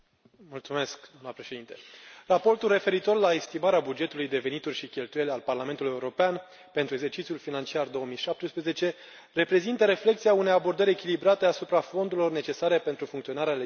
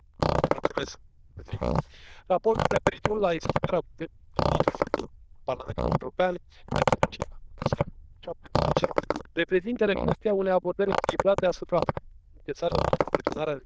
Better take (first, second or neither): first